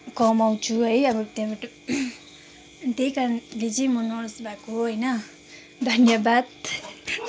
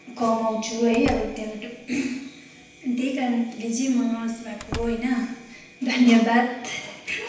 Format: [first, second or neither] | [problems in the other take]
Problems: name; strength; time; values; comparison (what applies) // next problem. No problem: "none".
first | background sound (Slam); 14 dB below the speech // room echo; dies away in 0.9 s